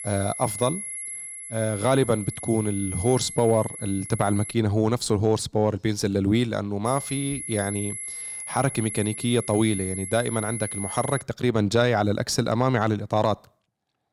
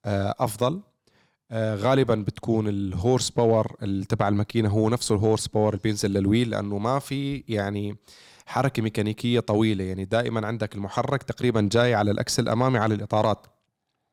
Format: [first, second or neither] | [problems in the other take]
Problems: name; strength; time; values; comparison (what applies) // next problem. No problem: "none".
second | high-pitched whine; loud; until 4.5 s and from 7 to 11 s; 11 kHz, 8 dB below the speech